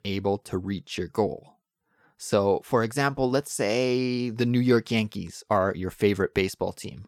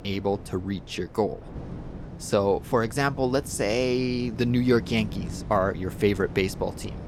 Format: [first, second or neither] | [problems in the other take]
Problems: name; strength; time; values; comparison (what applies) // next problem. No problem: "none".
first | wind noise on the microphone; occasional gusts; 20 dB below the speech